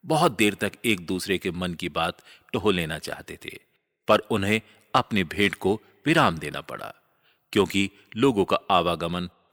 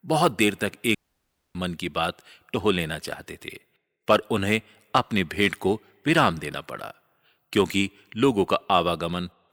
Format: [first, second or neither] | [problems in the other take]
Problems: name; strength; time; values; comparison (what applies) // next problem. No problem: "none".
first | audio cutting out; at 1 s for 0.5 s